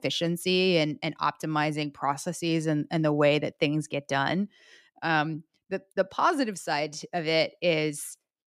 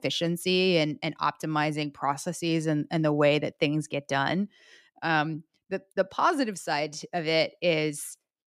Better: neither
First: none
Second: none

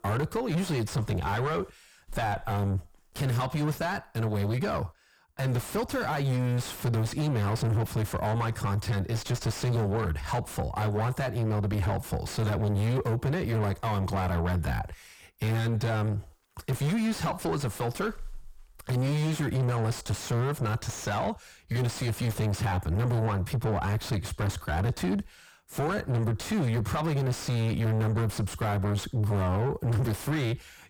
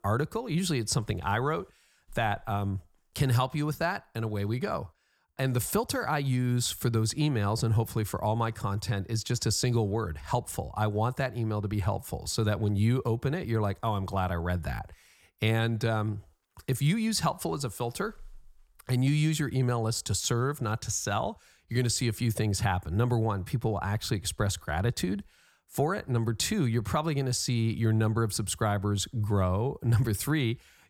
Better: second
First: distortion; heavy; 4 dB below the speech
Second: none

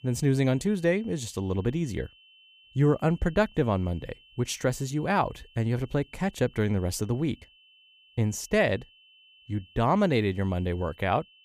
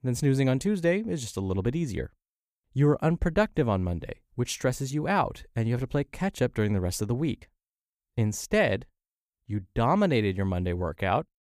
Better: second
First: high-pitched whine; faint; throughout; 3 kHz, 30 dB below the speech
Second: none

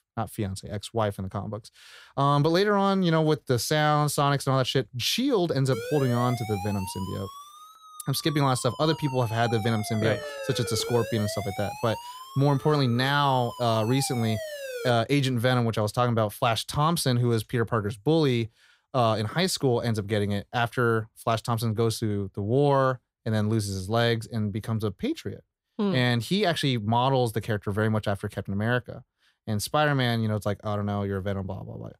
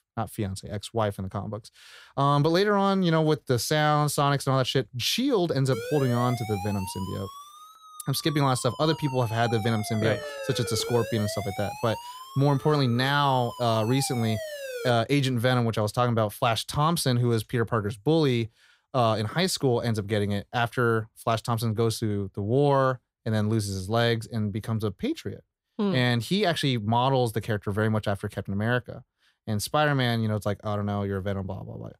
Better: neither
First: siren; noticeable; from 5.5 to 15 s; peak 8 dB below the speech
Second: siren; noticeable; from 5.5 to 15 s; peak 8 dB below the speech

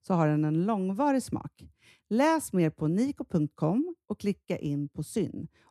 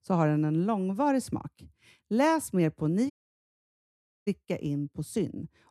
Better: first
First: none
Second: audio cutting out; at 3 s for 1 s

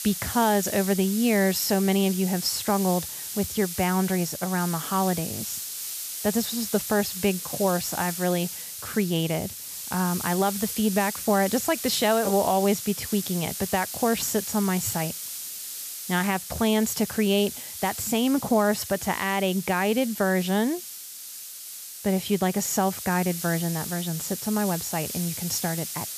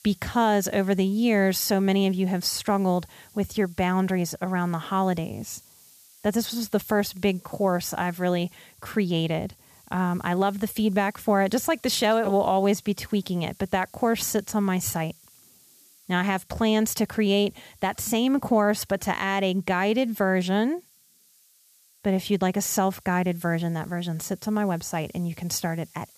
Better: second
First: hiss; loud; throughout; 7 dB below the speech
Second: hiss; faint; throughout; 25 dB below the speech

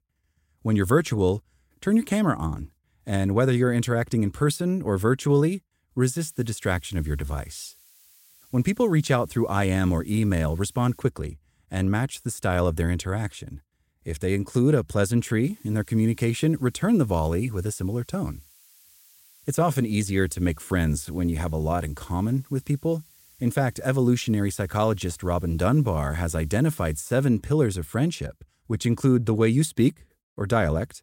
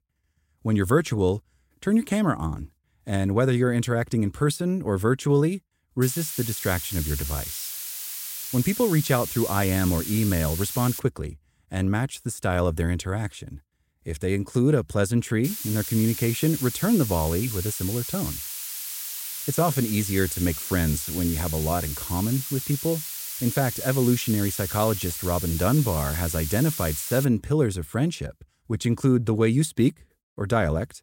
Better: first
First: hiss; faint; from 6 to 11 s and from 15 to 27 s; 30 dB below the speech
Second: hiss; loud; from 6 to 11 s and from 15 to 27 s; 6 dB below the speech

